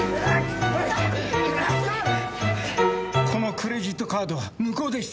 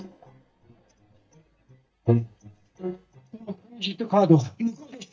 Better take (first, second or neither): first